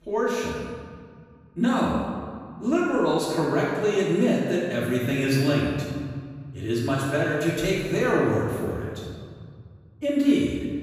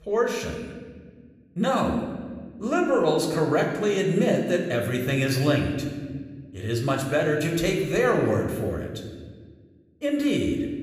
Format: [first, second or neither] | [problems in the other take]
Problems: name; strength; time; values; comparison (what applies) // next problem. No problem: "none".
second | room echo; strong; dies away in 1.8 s; slight in the second // off-mic speech; far